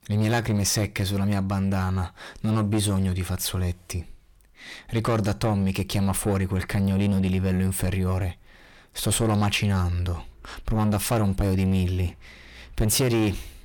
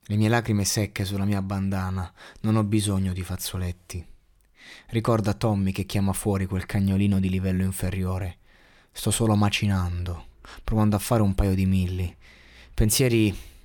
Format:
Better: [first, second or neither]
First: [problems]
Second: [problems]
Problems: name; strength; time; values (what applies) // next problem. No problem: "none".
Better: second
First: distortion; slight; 10 dB below the speech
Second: none